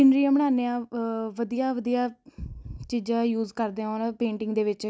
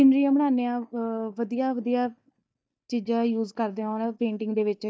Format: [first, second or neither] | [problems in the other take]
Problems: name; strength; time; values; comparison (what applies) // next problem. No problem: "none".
first | noise reduction (neural mask model DeepFilterNet 3)